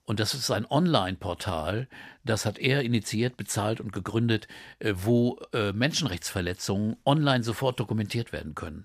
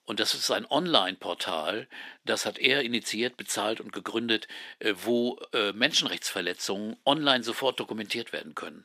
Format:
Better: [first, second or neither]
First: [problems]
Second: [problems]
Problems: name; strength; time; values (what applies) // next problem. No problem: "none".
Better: first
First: none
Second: thin; somewhat; fading below 250 Hz